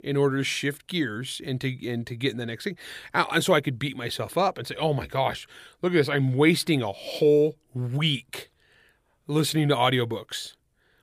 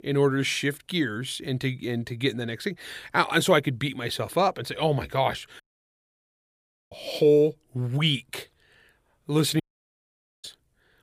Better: first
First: none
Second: audio cutting out; at 5.5 s for 1.5 s and at 9.5 s for 1 s

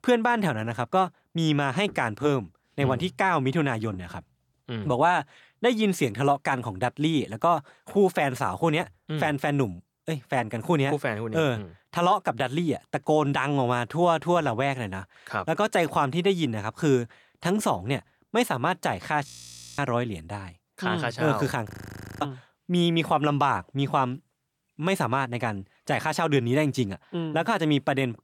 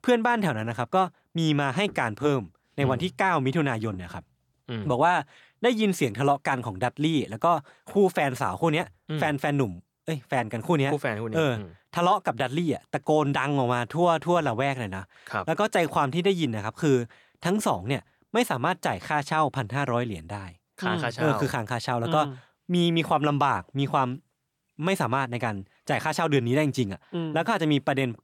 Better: second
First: audio freezing; at 19 s for 0.5 s and at 22 s for 0.5 s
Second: none

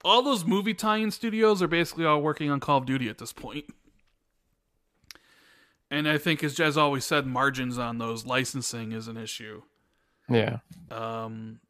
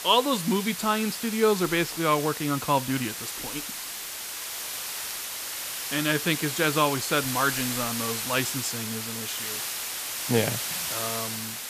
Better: first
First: none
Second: hiss; loud; throughout; 4 dB below the speech

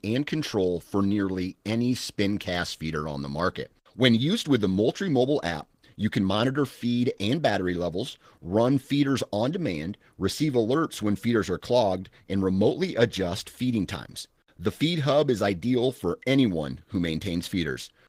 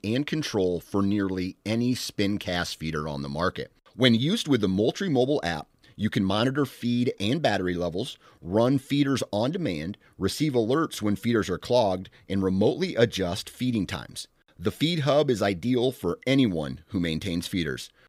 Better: second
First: garbled, watery; slightly; nothing above 15.5 kHz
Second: none

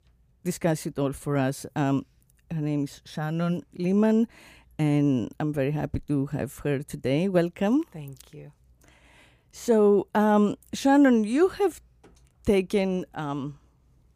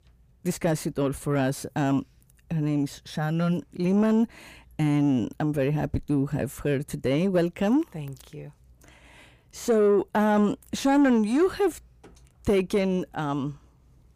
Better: first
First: none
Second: distortion; slight; 10 dB below the speech

